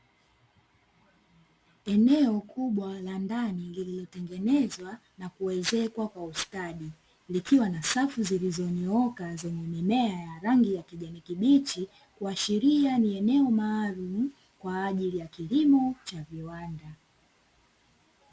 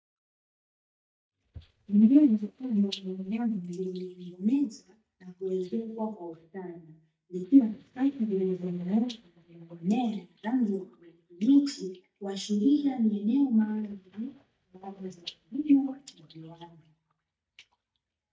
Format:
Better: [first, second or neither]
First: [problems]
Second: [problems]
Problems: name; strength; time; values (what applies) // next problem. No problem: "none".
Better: first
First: none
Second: noise reduction (neural mask model DeepFilterNet 3)